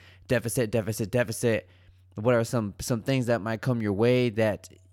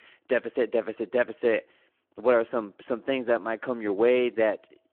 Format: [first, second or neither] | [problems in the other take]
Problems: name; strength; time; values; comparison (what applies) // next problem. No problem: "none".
first | phone-call audio